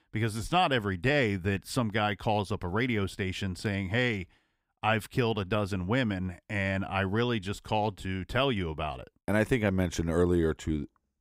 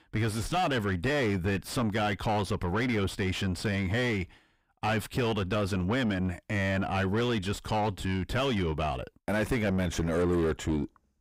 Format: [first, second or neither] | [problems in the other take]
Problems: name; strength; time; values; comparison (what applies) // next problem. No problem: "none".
first | distortion; heavy; 5 dB below the speech